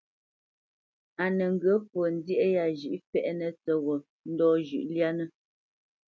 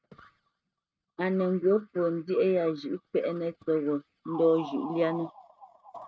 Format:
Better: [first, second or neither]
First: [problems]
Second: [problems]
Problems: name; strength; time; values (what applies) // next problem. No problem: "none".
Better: first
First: none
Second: noise reduction (neural mask model RNNoise)